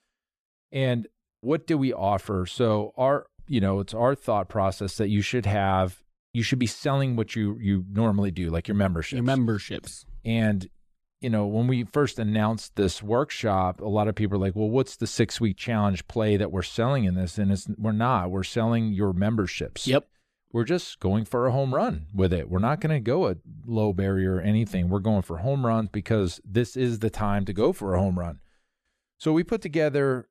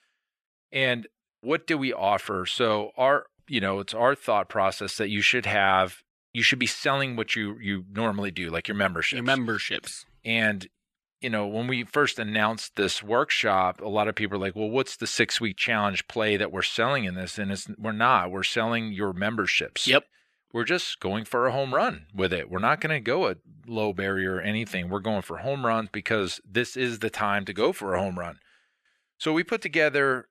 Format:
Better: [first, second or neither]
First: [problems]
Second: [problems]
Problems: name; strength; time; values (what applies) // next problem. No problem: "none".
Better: first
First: none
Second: thin; somewhat; fading below 500 Hz